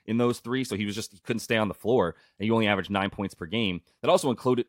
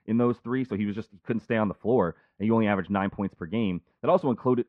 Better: first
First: none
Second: muffled; very; fading above 1.5 kHz

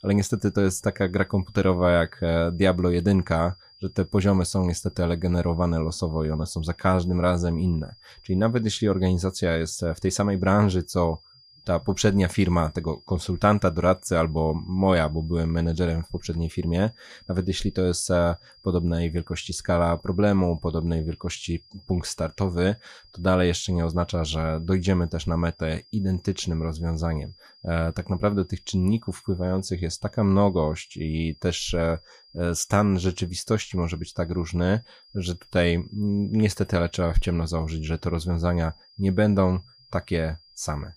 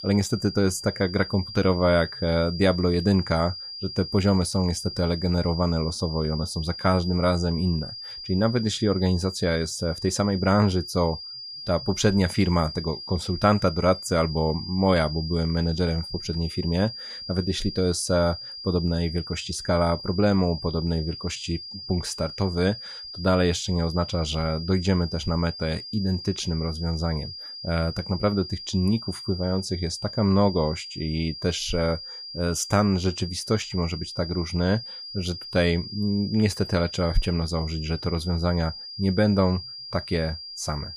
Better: first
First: high-pitched whine; faint; throughout; 5 kHz, 25 dB below the speech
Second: high-pitched whine; loud; throughout; 5 kHz, 10 dB below the speech

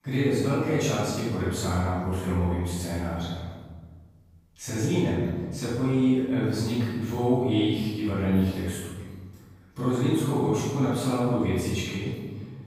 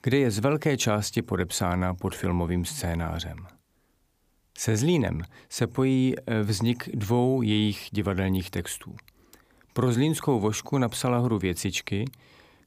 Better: second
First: off-mic speech; far // room echo; strong; dies away in 1.3 s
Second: none

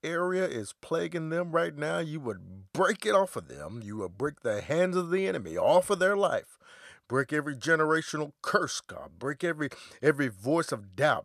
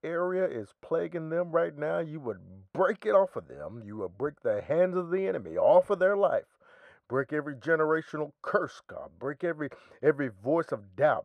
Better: first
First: none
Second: muffled; very; fading above 3.5 kHz

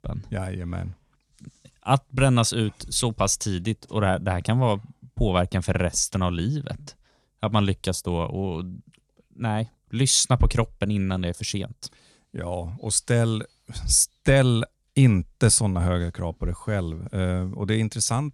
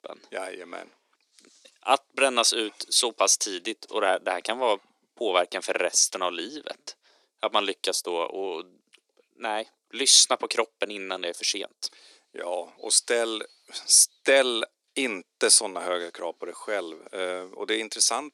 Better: first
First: none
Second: thin; very; fading below 350 Hz

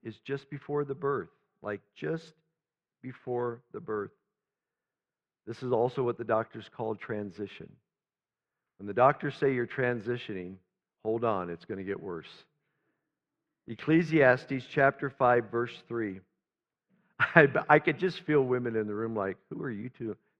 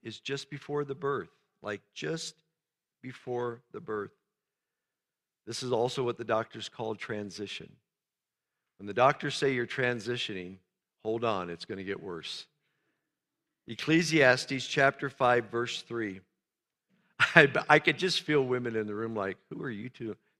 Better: second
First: muffled; very; fading above 3.5 kHz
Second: none

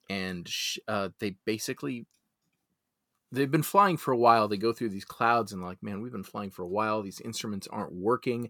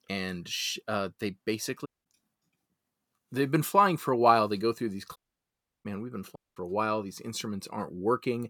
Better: first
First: none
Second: audio cutting out; at 2 s, at 5 s for 0.5 s and at 6.5 s

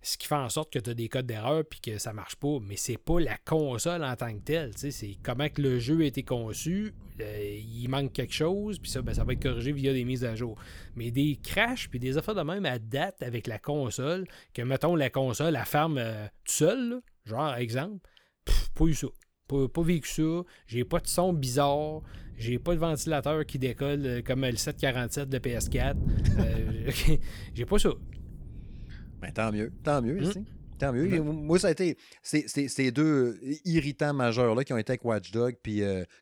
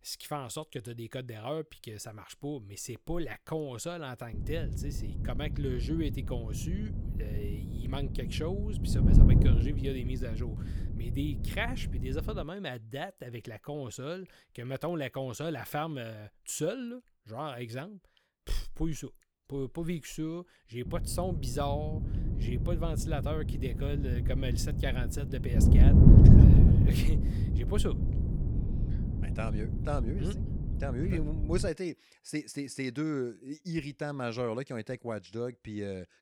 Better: first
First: wind noise on the microphone; occasional gusts; from 4.5 to 12 s and from 21 to 32 s; 20 dB below the speech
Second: wind noise on the microphone; heavy; from 4.5 to 12 s and from 21 to 32 s; as loud as the speech

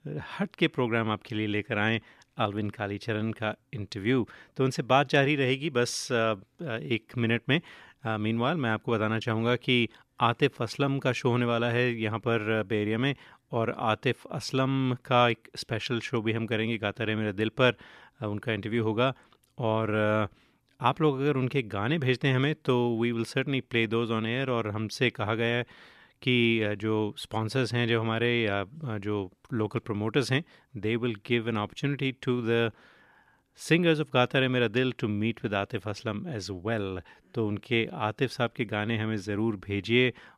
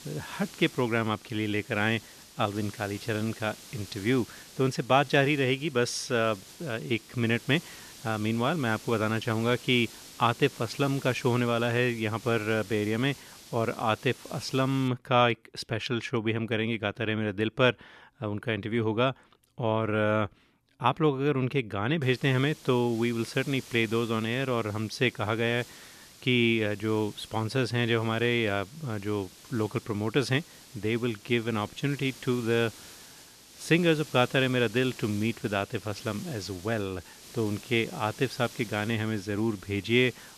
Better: first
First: none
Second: hiss; noticeable; until 15 s and from 22 s on; 20 dB below the speech

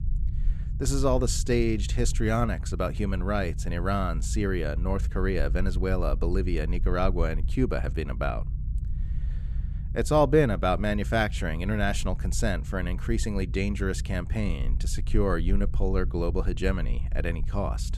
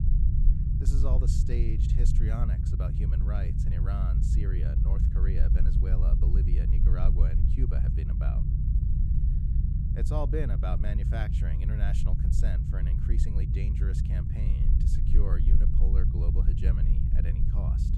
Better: first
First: low rumble; faint; throughout; 20 dB below the speech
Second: low rumble; loud; throughout; as loud as the speech

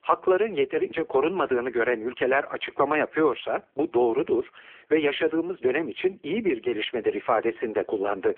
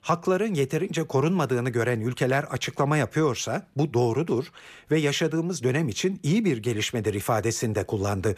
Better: second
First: phone-call audio; poor line; nothing above 3.5 kHz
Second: none

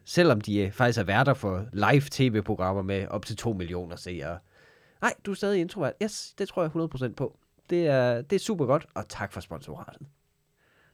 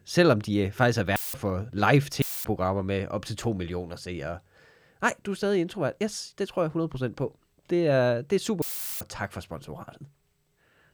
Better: first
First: none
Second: audio cutting out; filled with static; at 1 s, at 2 s and at 8.5 s

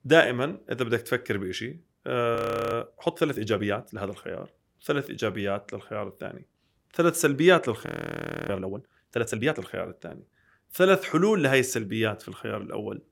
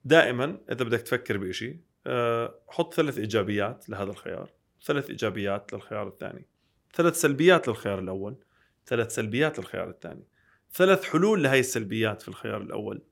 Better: second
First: audio freezing; at 2.5 s and at 8 s for 0.5 s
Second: none

